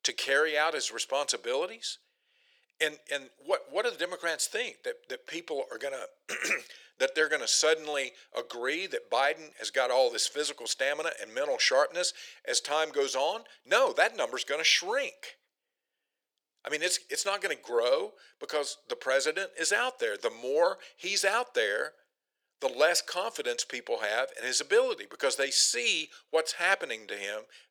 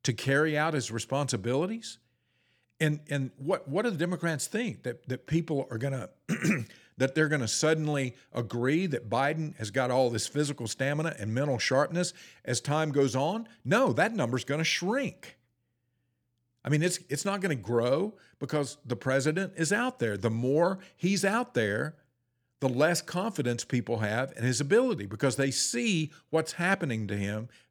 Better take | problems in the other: second | thin; very; fading below 450 Hz

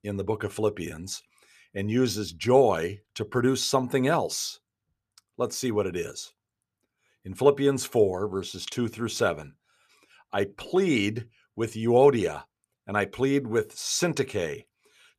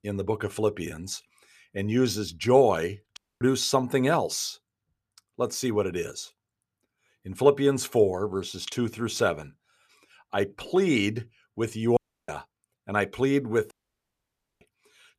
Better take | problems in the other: first | audio cutting out; at 3 s, at 12 s and at 14 s for 1 s

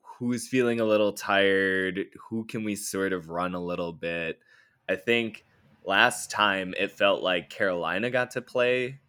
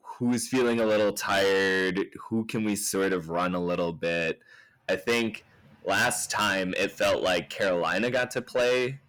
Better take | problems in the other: first | distortion; heavy; 6 dB below the speech

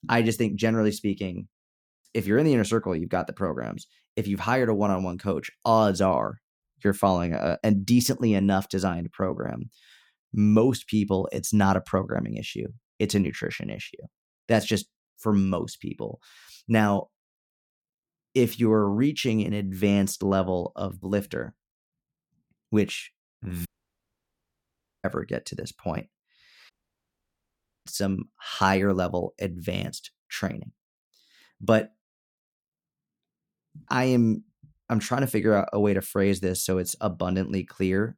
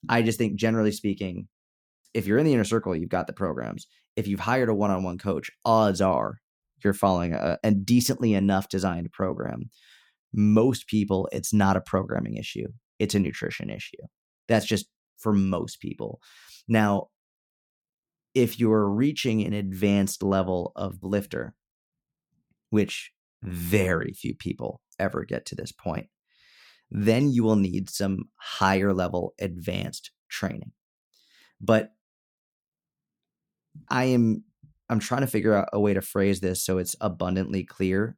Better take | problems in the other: second | audio cutting out; at 24 s for 1.5 s and at 27 s for 1 s

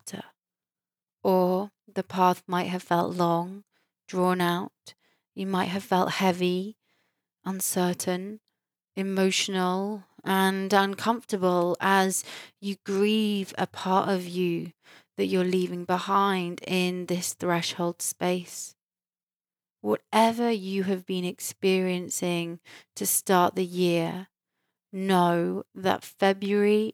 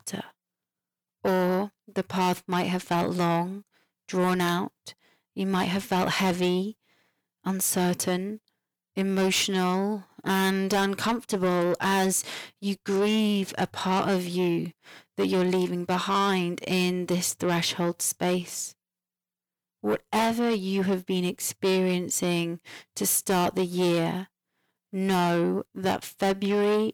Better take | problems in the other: first | distortion; heavy; 8 dB below the speech

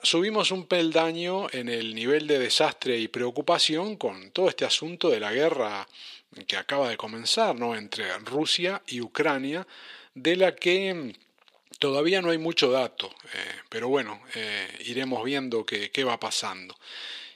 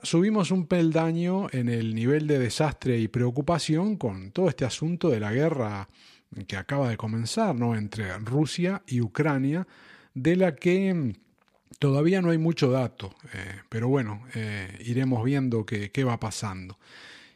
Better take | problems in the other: second | thin; somewhat; fading below 450 Hz

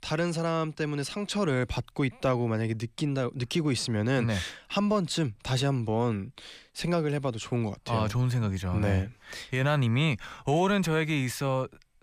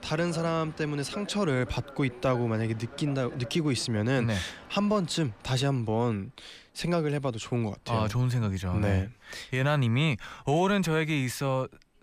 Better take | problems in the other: first | train or aircraft noise; noticeable; throughout; 20 dB below the speech

